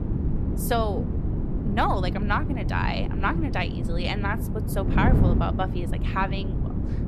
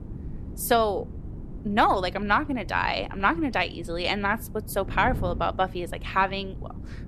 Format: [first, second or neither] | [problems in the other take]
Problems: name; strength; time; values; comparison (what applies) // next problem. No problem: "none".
second | wind noise on the microphone; heavy; 8 dB below the speech; occasional gusts in the second